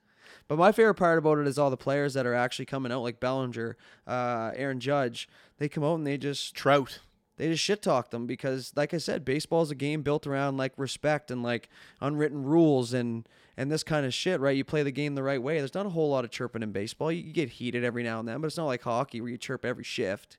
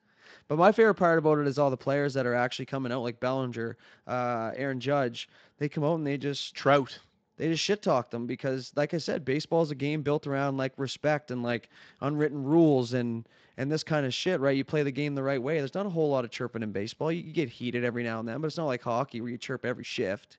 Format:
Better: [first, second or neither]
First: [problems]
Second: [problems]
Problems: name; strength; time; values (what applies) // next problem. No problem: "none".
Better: first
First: none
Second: garbled, watery; slightly; nothing above 7.5 kHz